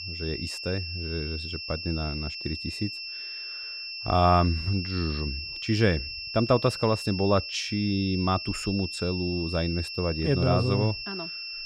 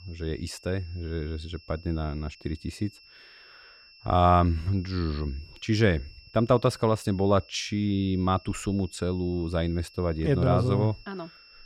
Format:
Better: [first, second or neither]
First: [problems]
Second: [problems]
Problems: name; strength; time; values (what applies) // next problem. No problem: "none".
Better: second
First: high-pitched whine; loud; throughout; 5.5 kHz, 6 dB below the speech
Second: high-pitched whine; faint; throughout; 5.5 kHz, 25 dB below the speech